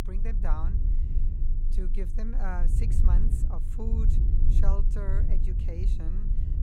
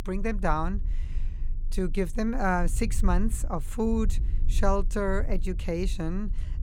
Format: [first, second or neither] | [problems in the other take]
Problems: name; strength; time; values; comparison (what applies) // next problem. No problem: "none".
second | low rumble; loud; throughout; 4 dB below the speech; faint in the second